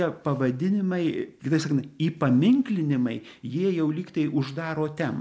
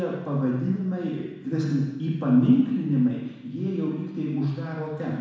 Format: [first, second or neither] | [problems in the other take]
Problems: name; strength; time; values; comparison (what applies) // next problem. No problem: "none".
first | room echo; dies away in 1.1 s